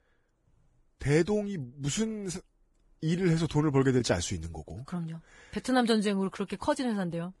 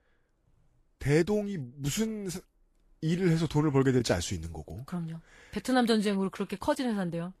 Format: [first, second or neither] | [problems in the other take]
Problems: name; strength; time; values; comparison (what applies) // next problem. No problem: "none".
second | garbled, watery; badly; nothing above 10.5 kHz; slightly in the second